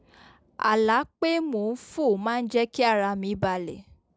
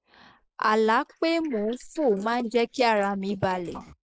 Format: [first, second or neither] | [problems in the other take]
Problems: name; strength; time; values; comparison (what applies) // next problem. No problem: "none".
first | noise reduction (neural mask model Resemble Enhance denoiser)